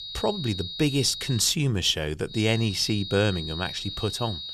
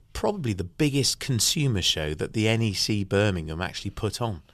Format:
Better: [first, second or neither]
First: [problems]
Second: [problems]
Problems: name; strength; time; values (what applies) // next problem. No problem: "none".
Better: second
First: high-pitched whine; loud; until 1.5 s and from 2.5 s on; 4 kHz, 9 dB below the speech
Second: none